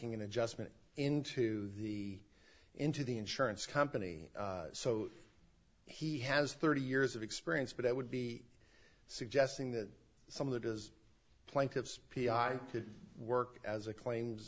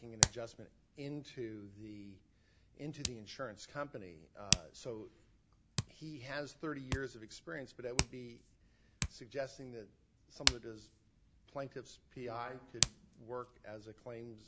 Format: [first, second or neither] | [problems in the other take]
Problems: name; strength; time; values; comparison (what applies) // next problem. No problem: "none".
first | background sound (Hands); 5 dB above the speech